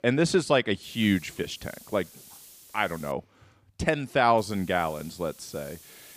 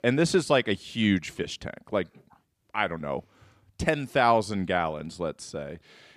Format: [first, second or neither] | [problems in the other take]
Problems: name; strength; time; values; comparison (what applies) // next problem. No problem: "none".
second | hiss; faint; from 1 to 3 s and from 4.5 s on; 20 dB below the speech